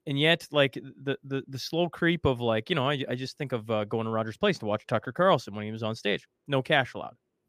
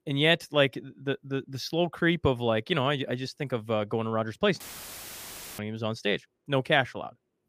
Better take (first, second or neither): first